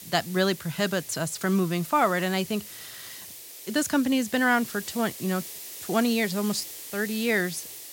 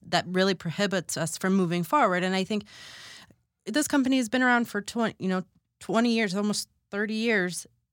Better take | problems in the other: second | hiss; noticeable; throughout; 10 dB below the speech

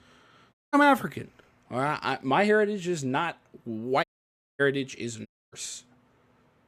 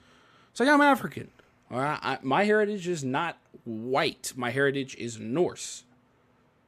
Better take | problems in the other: second | audio cutting out; at 0.5 s, at 4 s for 0.5 s and at 5.5 s

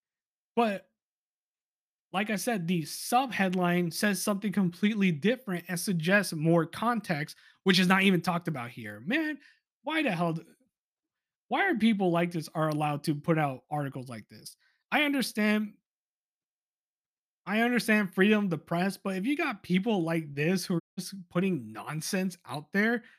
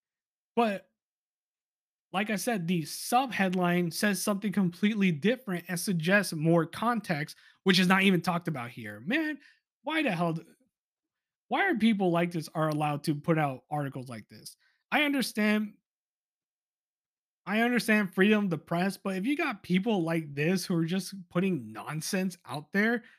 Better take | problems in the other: second | audio cutting out; at 21 s

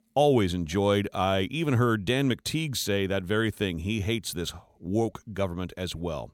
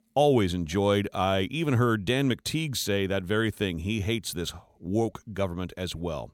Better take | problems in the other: neither | none

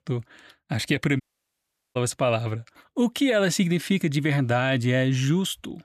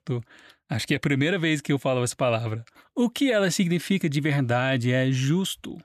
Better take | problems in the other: second | audio cutting out; at 1 s for 1 s

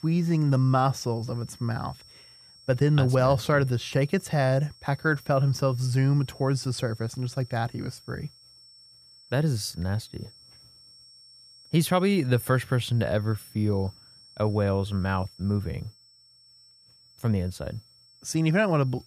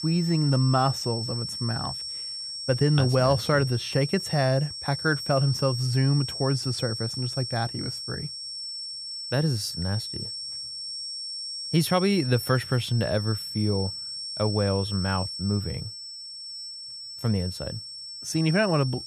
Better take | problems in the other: first | high-pitched whine; loud; throughout; 5.5 kHz, 7 dB below the speech; faint in the first

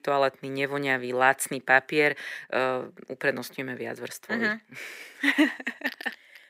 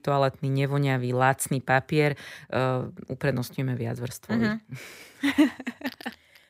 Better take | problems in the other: second | thin; somewhat; fading below 350 Hz

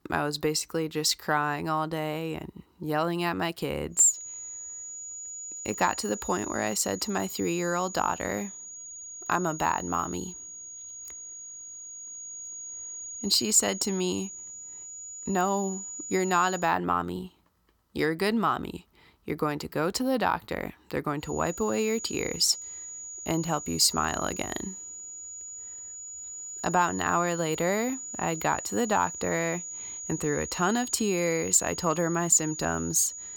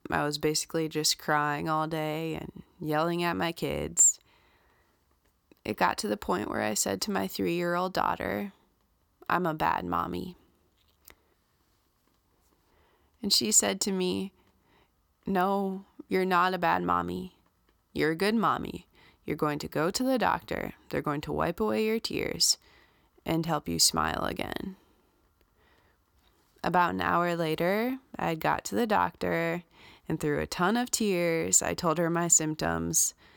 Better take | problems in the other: second | high-pitched whine; loud; from 4 to 17 s and from 21 s on; 7 kHz, 10 dB below the speech

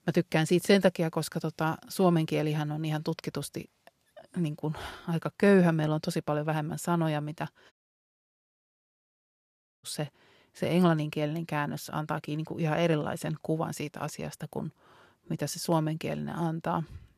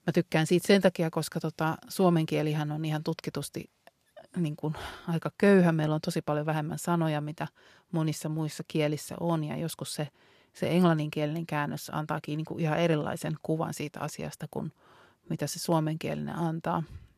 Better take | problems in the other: second | audio cutting out; at 7.5 s for 2 s

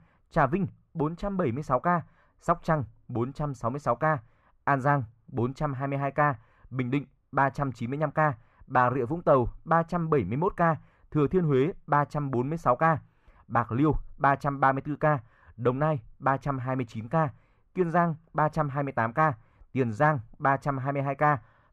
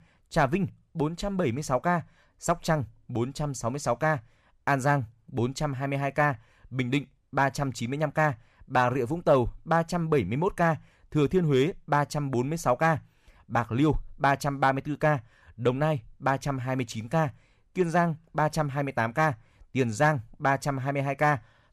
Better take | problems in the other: second | muffled; very; fading above 3 kHz

